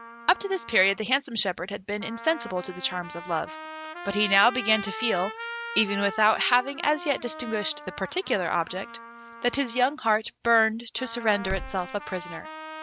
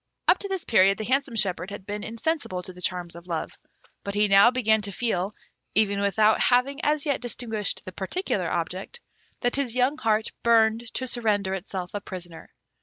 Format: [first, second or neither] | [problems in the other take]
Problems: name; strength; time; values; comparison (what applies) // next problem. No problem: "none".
second | background sound (Slam + Trumpet); 12 dB below the speech